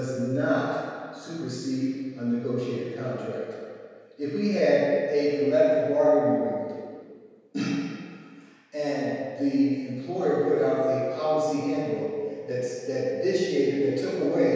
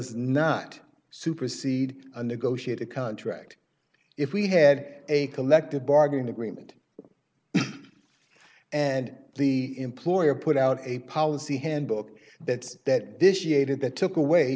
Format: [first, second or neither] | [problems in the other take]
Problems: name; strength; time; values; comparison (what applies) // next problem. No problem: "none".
second | room echo; dies away in 1.9 s